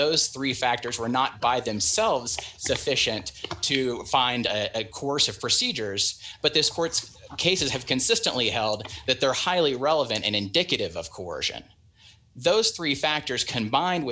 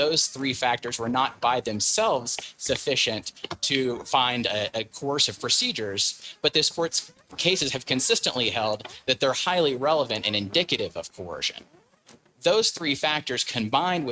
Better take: first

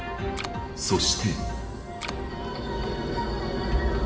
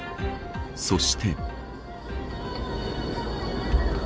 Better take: second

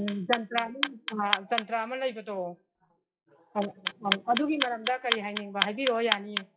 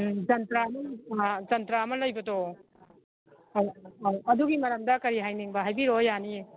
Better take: second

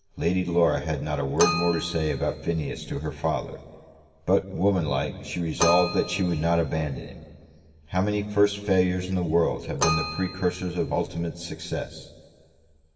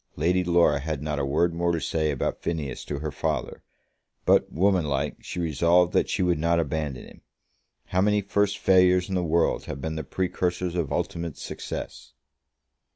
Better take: second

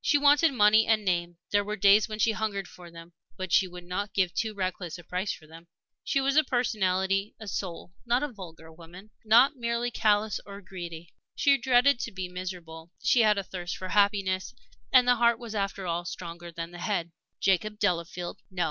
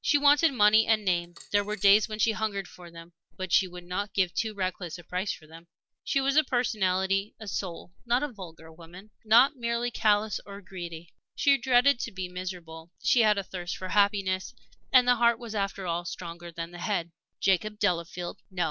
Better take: first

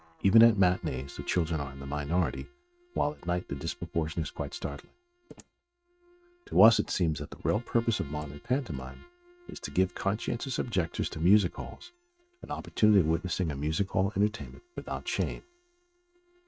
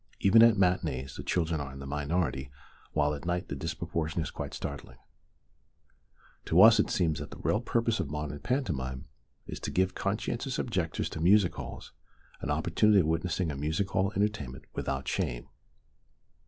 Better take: second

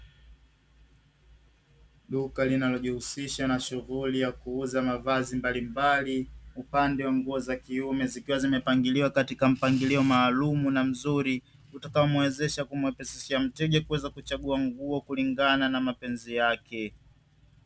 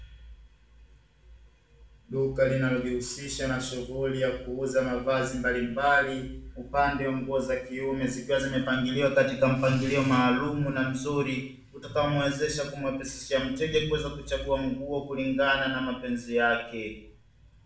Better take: first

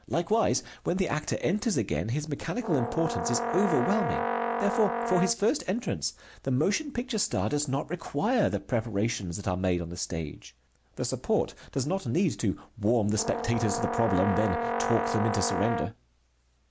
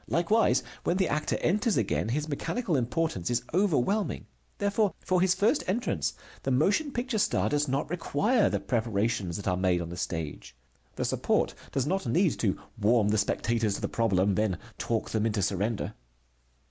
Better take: second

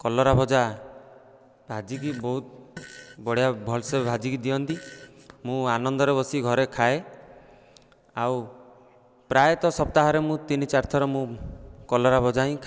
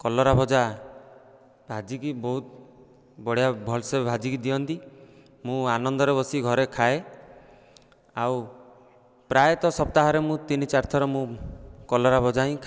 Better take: second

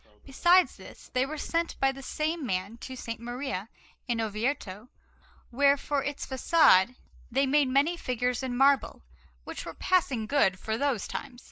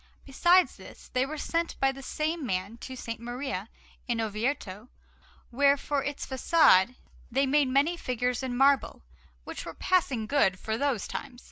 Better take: second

